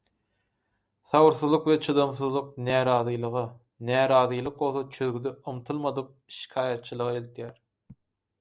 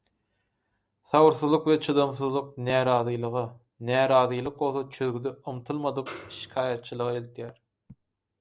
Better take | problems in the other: first | background sound (Snare drum); 17 dB below the speech

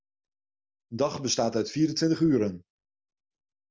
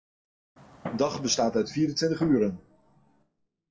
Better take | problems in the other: first | noise reduction (classical method WPE with log-MMSE)

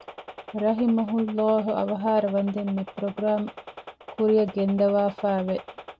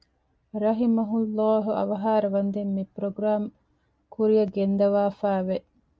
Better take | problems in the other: second | background sound (Gunshot, gunfire); 17 dB below the speech

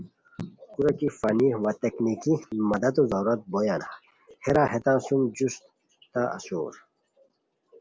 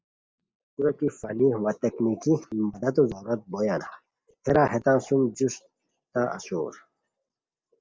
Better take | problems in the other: first | noise reduction (neural mask model DeepFilterNet 3)

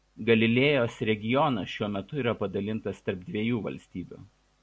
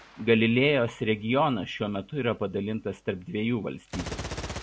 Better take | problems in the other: first | background sound (Gunshot, gunfire); 15 dB below the speech

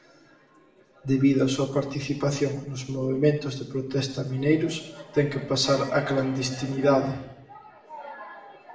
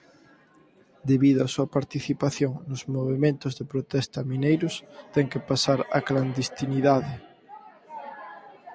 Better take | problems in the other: second | room echo; dies away in 0.8 s

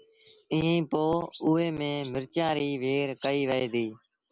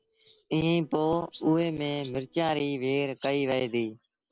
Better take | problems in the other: first | noise reduction (neural separator model SepFormer DNS4)

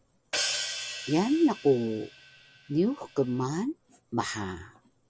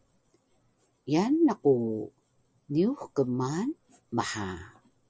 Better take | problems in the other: second | background sound (Hi-hat); 7 dB below the speech

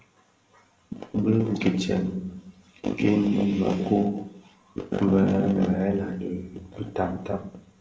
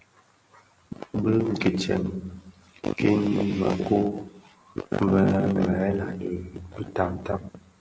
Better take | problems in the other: second | room echo; dies away in 0.4 s

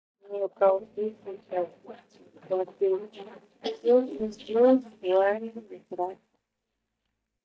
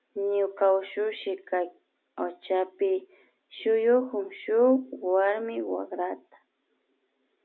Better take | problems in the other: second | noise reduction (neural mask model DeepFilterNet 3)

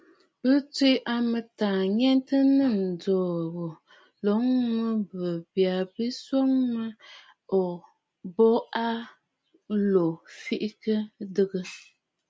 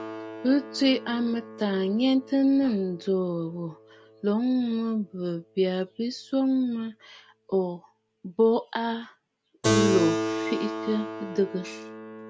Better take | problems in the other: first | background sound (Keyboard (musical)); 7 dB below the speech

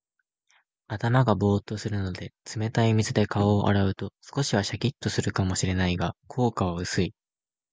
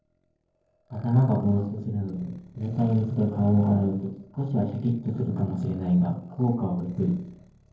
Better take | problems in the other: first | noise reduction (neural separator model SepFormer DNS4)

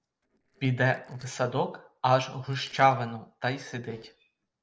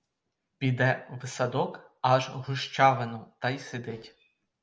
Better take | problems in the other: second | noise reduction (neural separator model SepFormer DNS4)

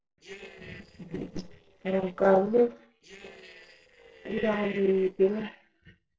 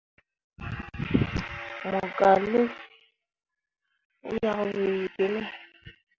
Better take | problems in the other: second | noise reduction (neural separator model SepFormer DNS4)

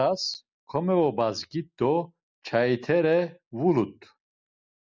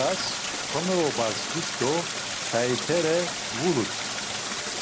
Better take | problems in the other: first | background sound (Stream); 2 dB below the speech

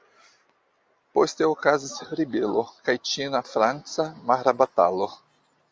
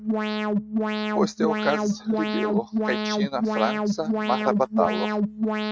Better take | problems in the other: first | noise reduction (neural mask model RNNoise)

